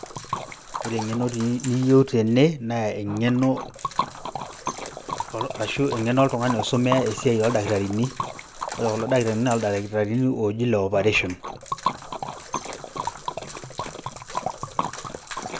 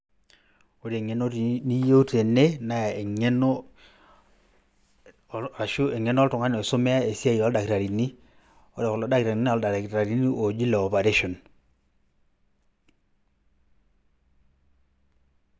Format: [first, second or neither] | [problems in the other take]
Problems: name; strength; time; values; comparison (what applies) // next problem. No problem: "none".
second | background sound (Liquid); 9 dB below the speech